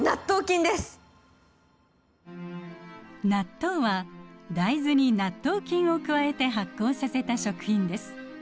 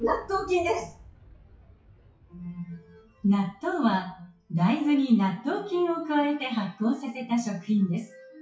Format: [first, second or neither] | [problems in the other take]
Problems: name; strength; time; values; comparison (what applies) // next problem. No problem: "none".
first | noise reduction (classical method WPE with log-MMSE)